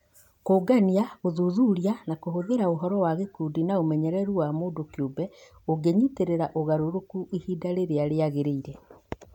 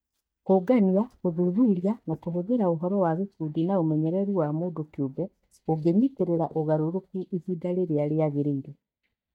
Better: first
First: none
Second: noise reduction (neural mask model DeepFilterNet 3)

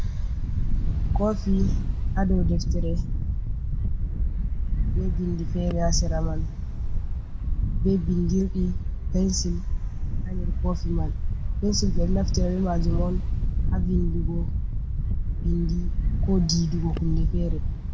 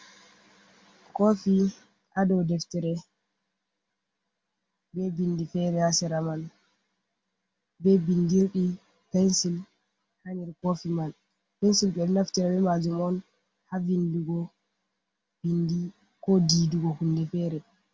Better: second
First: background sound (Wind); 5 dB above the speech // room echo; dies away in 1 s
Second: none

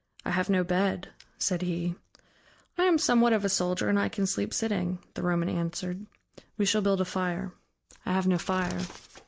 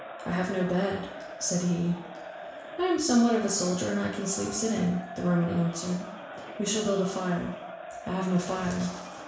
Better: first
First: none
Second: background sound (Crowd); 13 dB below the speech // room echo; dies away in 0.7 s

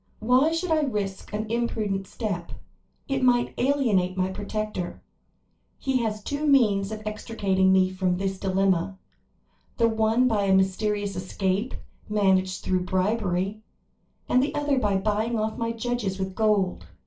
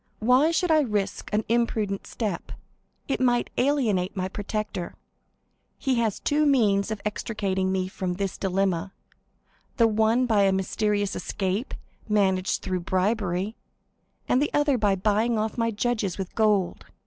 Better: second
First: room echo; dies away in 0.2 s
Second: none

